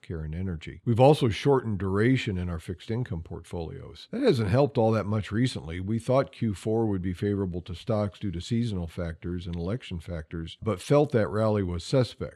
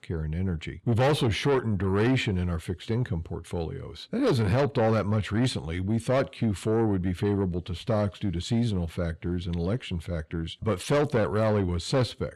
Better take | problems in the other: first | distortion; heavy; 8 dB below the speech

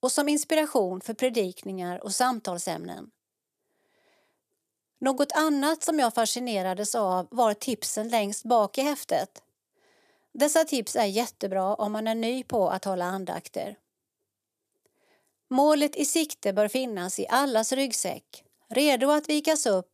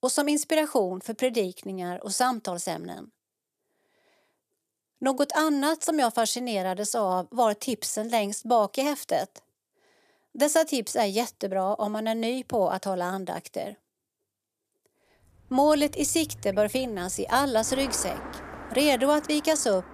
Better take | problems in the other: first | traffic noise; noticeable; from 15 s on; 15 dB below the speech

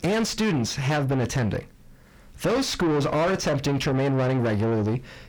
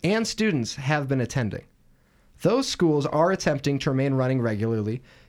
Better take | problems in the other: second | distortion; heavy; 7 dB below the speech

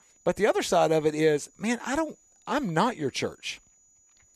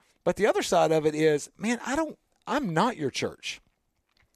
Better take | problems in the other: second | high-pitched whine; faint; throughout; 7 kHz, 30 dB below the speech

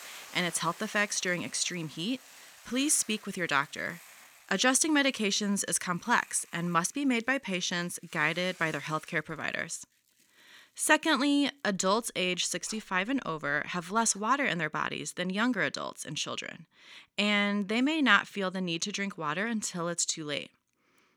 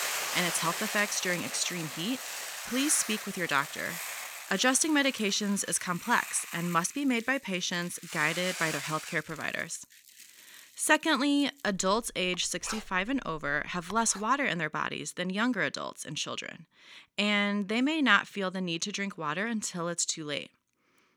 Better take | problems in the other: first | household noises; loud; until 14 s; 8 dB below the speech; faint in the first

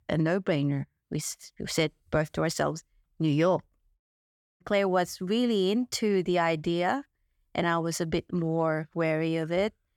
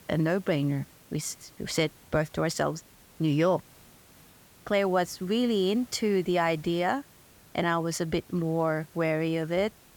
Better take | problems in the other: first | hiss; faint; throughout; 25 dB below the speech

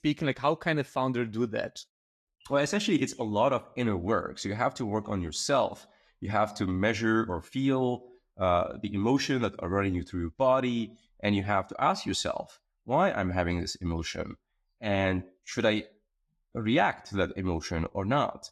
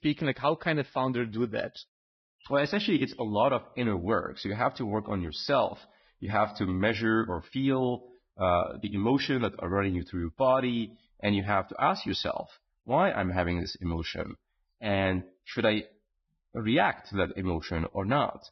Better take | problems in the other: first | garbled, watery; badly; nothing above 5.5 kHz; slightly in the first

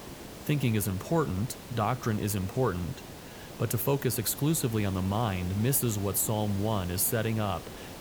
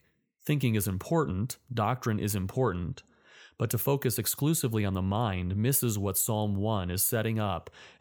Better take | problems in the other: second | hiss; noticeable; throughout; 15 dB below the speech

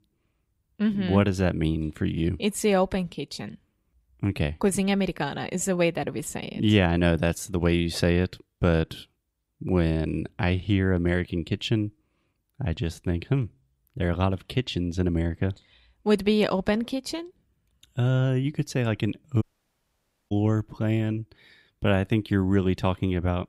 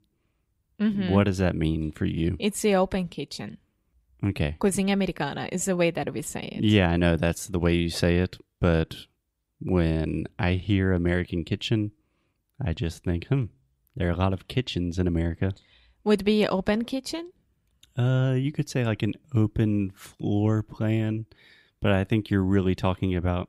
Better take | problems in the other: second | audio cutting out; at 19 s for 1 s

